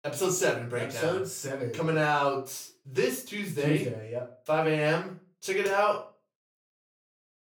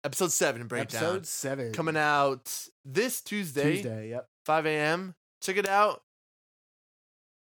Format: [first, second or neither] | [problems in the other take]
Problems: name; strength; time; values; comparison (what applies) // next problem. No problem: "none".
second | off-mic speech; far // room echo; slight; dies away in 0.3 s